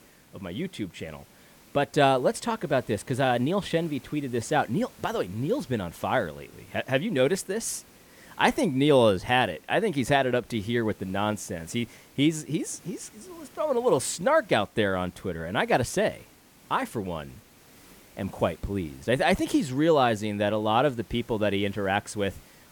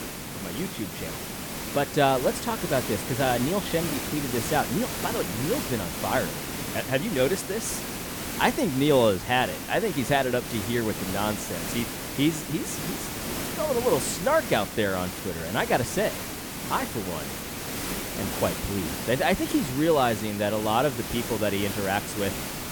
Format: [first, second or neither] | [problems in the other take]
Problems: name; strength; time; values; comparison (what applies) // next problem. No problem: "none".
first | hiss; loud; throughout; 5 dB below the speech; faint in the first